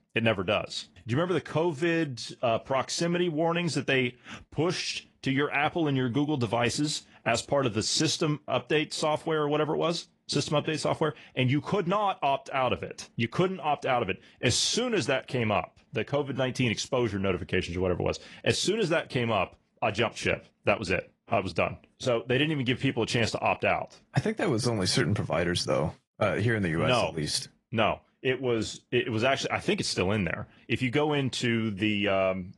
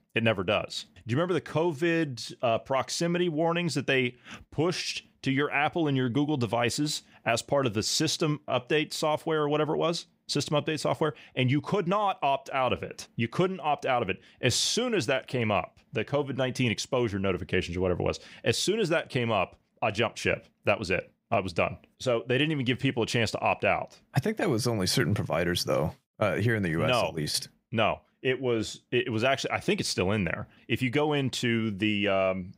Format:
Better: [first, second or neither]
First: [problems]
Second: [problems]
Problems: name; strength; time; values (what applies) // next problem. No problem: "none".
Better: second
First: garbled, watery; slightly; nothing above 10.5 kHz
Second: none